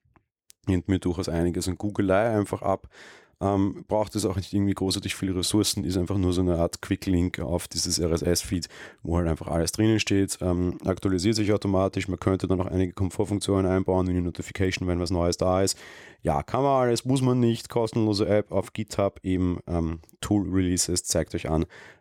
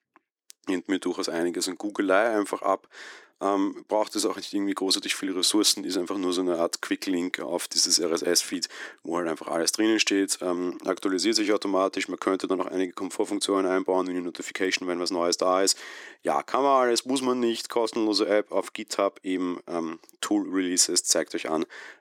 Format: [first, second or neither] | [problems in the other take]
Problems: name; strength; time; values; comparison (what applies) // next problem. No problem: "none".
first | thin; very slightly; fading below 300 Hz